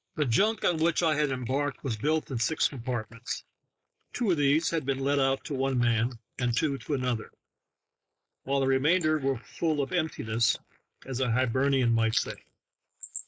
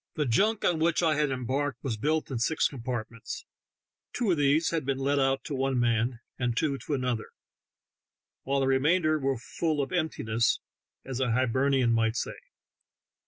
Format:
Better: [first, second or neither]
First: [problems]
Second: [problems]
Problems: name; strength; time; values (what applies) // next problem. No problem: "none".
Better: second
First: noise reduction (neural mask model Resemble Enhance denoiser)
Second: none